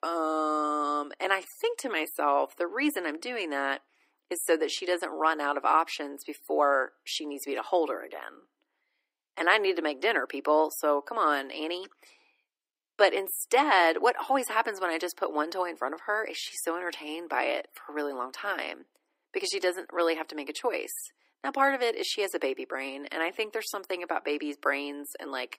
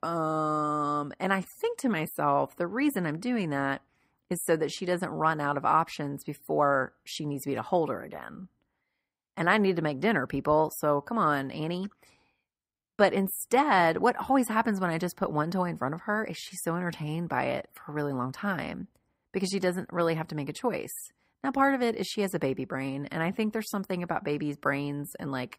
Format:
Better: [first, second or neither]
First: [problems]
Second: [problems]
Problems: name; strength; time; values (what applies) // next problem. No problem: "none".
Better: second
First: thin; somewhat; fading below 300 Hz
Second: none